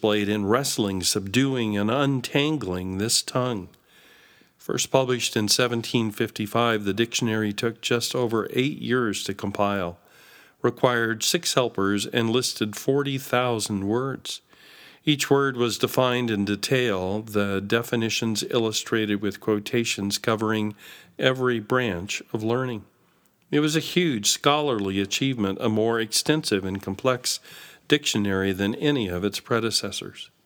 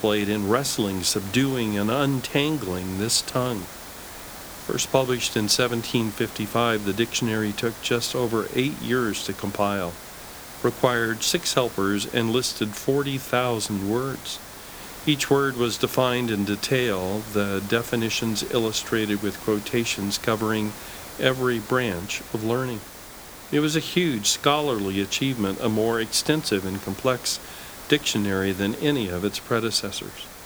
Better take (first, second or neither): first